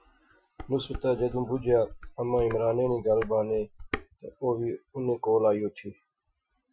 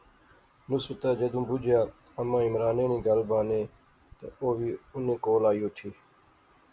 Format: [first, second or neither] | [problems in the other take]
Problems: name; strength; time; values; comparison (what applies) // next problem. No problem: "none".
second | noise reduction (classical method Wiener filter)